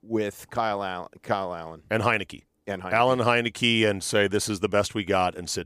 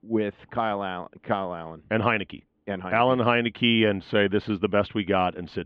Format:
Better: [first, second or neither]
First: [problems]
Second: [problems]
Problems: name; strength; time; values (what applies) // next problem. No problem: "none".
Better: first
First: none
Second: muffled; very; fading above 3.5 kHz